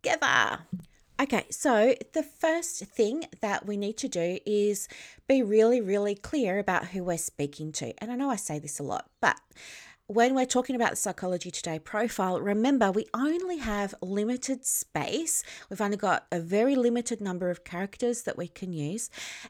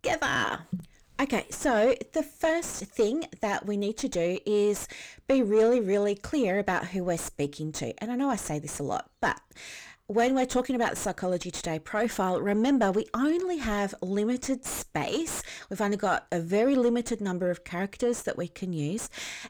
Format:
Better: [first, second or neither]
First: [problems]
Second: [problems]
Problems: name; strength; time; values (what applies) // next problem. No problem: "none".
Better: first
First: none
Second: distortion; slight; 9 dB below the speech